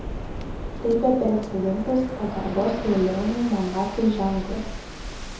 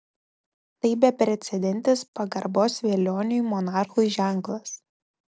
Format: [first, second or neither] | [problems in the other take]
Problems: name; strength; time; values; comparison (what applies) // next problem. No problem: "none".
second | background sound (Waves, surf); 8 dB below the speech // room echo; dies away in 2.6 s